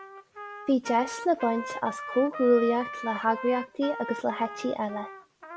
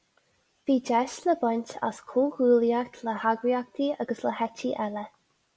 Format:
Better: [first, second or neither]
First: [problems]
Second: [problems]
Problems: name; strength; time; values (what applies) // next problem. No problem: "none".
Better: second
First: background sound (Trumpet); 11 dB below the speech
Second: none